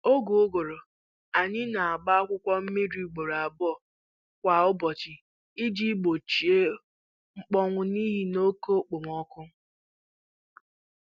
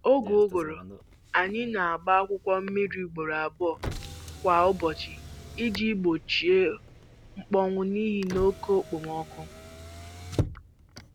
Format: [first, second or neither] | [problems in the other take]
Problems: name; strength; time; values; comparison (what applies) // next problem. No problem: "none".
first | background sound (Motor vehicle (road)); 13 dB below the speech